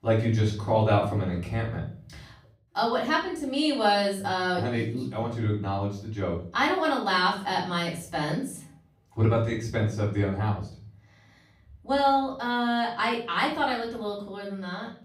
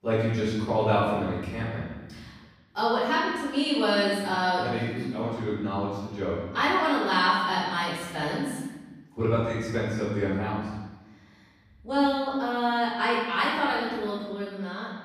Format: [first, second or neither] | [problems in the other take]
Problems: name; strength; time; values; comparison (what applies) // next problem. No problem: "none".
first | room echo; strong; dies away in 1.1 s; slight in the first // off-mic speech; far; far in the first